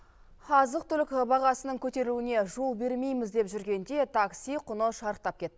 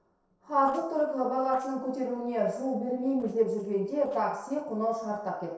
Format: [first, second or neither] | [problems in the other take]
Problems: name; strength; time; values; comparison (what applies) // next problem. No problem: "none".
first | noise reduction (neural separator model SepFormer DNS4)